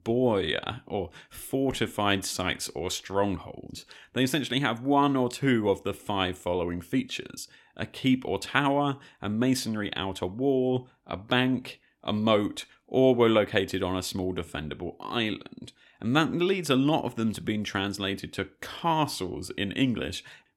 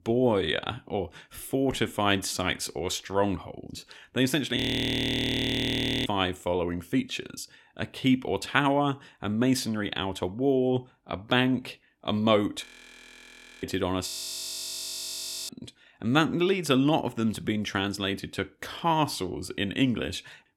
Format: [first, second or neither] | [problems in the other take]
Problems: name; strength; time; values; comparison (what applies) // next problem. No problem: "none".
first | audio freezing; at 4.5 s for 1.5 s, at 13 s for 1 s and at 14 s for 1.5 s